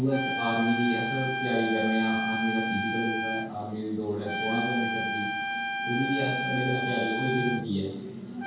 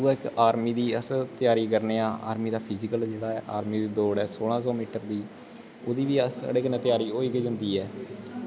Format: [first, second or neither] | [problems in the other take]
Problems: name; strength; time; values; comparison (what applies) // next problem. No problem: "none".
second | background sound (Trumpet); 2 dB below the speech // room echo; dies away in 0.6 s